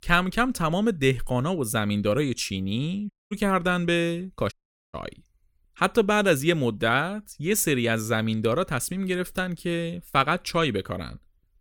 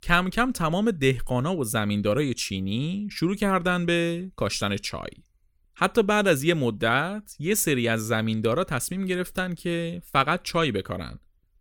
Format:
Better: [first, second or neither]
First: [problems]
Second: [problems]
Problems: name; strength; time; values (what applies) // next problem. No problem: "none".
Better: second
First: audio cutting out; at 3 s and at 4.5 s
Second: none